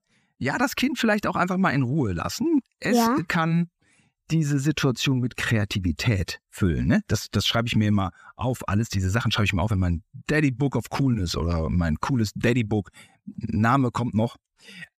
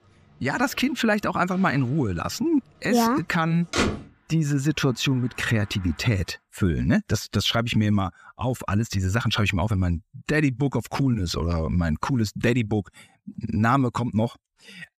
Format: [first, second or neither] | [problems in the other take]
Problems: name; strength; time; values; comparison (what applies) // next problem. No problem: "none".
first | traffic noise; loud; until 6 s; 5 dB below the speech